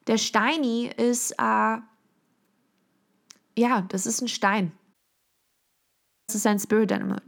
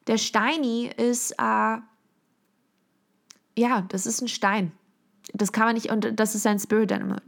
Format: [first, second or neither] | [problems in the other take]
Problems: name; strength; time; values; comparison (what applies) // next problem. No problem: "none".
second | audio cutting out; at 5 s for 1.5 s